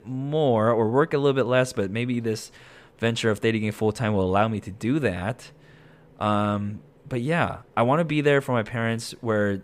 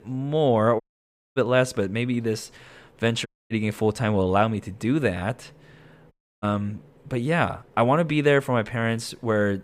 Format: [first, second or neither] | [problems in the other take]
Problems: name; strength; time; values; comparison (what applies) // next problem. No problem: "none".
first | audio cutting out; at 1 s for 0.5 s, at 3.5 s and at 6 s